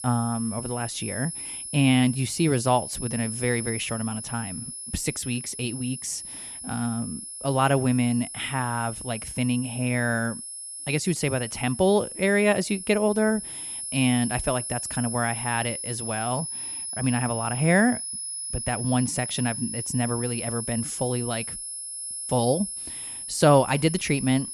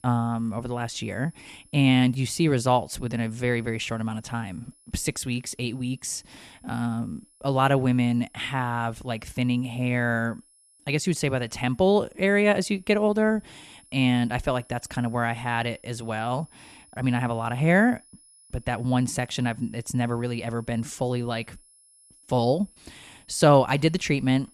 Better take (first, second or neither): second